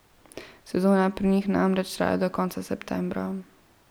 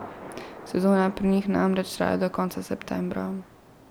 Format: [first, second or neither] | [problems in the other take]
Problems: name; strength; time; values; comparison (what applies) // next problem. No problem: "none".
first | background sound (Thunder); 18 dB below the speech